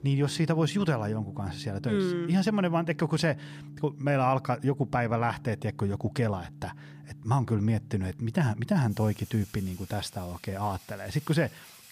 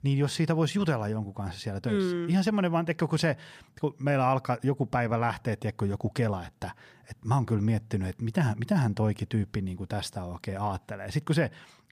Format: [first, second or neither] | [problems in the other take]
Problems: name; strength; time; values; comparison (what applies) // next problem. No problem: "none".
second | background music; noticeable; throughout; 15 dB below the speech